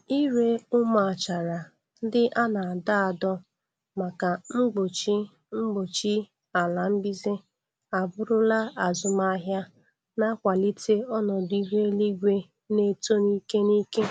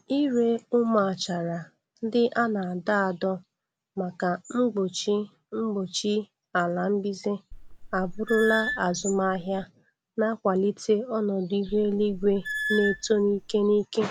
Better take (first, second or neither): first